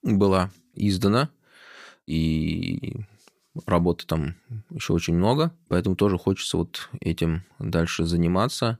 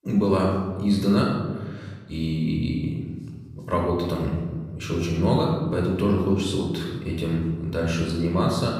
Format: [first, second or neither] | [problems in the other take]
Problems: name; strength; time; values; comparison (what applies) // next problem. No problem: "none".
first | off-mic speech; somewhat distant // room echo; noticeable; dies away in 1.4 s